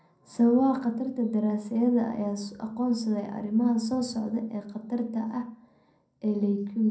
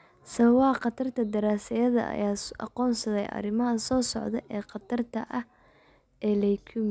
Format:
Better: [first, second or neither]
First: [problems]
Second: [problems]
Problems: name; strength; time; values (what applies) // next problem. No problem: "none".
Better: second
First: room echo; dies away in 0.6 s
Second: none